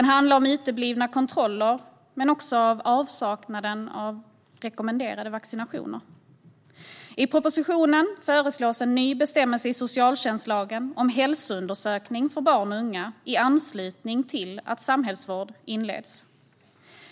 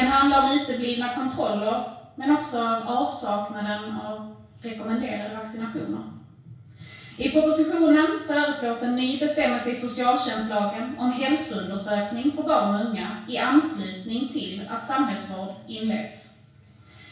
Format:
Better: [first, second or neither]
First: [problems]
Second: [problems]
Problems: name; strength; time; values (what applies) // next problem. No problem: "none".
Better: first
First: none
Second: room echo; dies away in 0.6 s